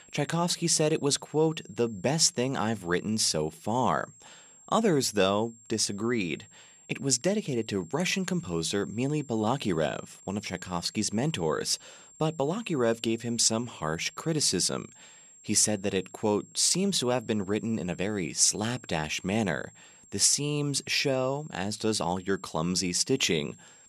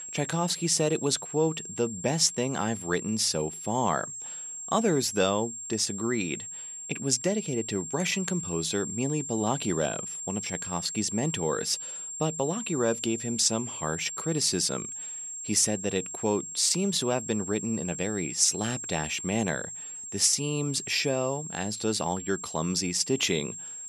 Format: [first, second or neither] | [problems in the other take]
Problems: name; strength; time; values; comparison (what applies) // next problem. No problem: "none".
first | high-pitched whine; loud; throughout; 7.5 kHz, 8 dB below the speech; faint in the first